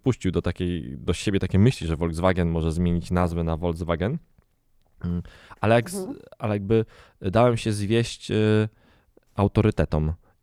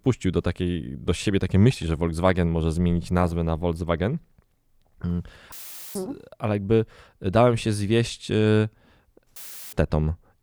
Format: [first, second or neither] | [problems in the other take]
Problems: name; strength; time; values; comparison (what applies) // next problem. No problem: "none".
first | audio cutting out; filled with static; at 5.5 s and at 9.5 s